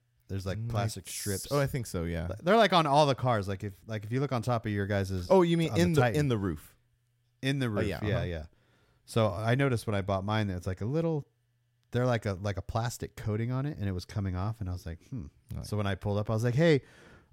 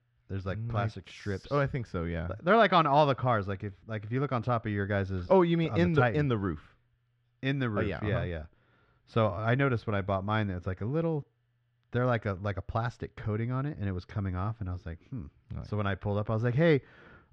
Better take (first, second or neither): first